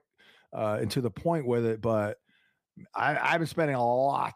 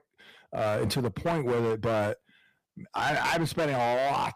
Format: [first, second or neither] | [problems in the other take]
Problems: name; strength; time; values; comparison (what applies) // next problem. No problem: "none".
first | distortion; heavy; 19% of the sound clipped